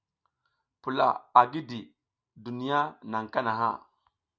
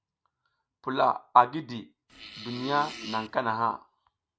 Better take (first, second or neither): first